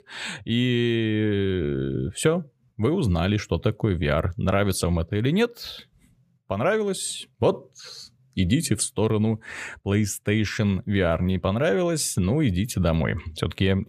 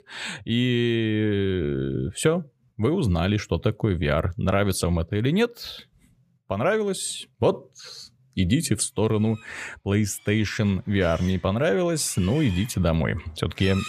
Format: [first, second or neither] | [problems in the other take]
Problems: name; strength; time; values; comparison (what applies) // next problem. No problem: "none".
first | animal sounds; noticeable; from 9 s on; 20 dB below the speech